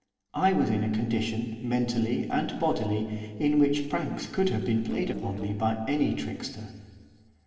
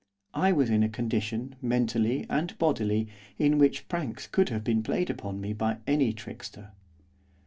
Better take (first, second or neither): second